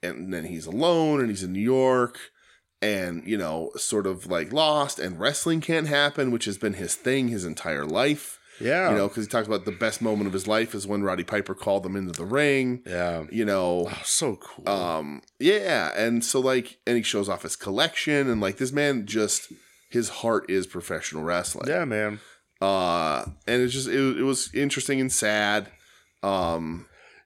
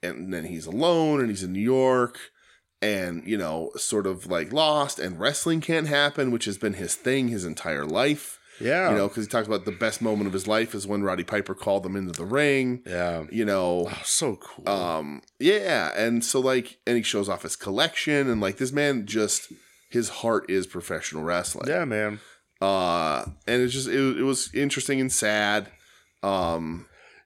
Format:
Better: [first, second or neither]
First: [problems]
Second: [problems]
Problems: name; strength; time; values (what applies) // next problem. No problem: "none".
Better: neither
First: none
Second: none